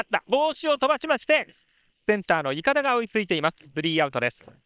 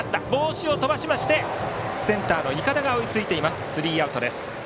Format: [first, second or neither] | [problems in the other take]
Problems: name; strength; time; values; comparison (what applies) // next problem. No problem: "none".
second | noise reduction (neural separator model SepFormer WHAM!)